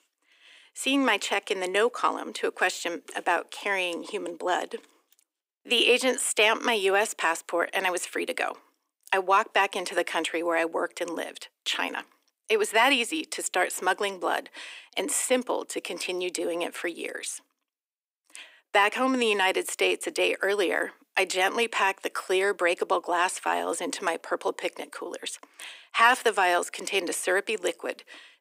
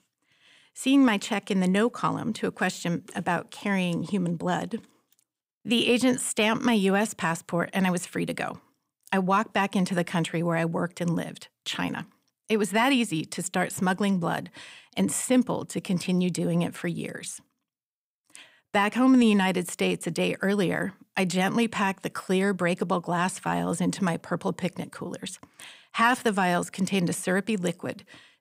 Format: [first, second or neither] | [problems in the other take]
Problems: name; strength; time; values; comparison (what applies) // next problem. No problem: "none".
second | thin; somewhat; fading below 300 Hz